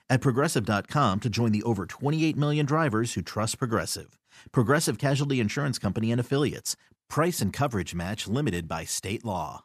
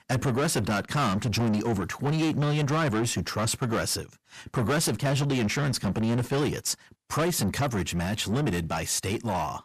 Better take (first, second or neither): first